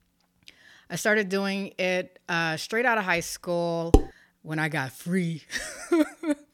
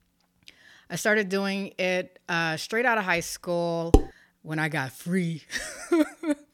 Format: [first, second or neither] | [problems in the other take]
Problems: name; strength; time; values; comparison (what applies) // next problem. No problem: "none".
neither | clattering dishes; loud; at 4 s; peak 3 dB above the speech; the same in both